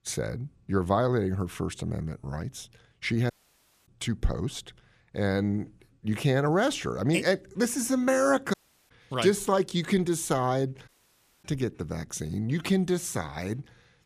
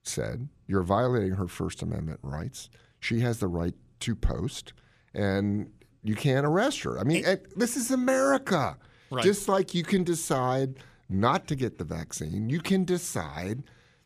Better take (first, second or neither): second